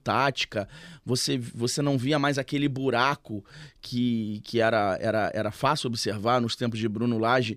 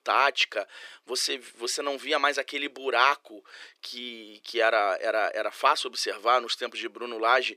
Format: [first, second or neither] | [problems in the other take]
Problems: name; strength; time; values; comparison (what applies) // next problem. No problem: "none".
first | thin; very; fading below 400 Hz